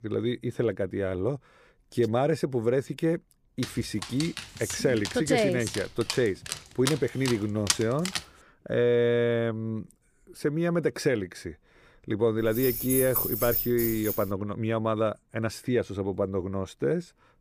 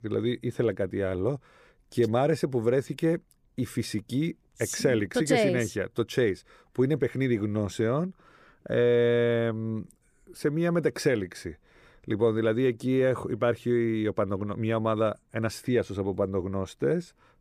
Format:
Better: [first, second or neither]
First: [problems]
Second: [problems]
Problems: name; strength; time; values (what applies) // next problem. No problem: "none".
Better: second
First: dog barking; loud; from 3.5 to 8 s; peak 1 dB above the speech // jangling keys; loud; from 12 to 14 s; peak 2 dB above the speech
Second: none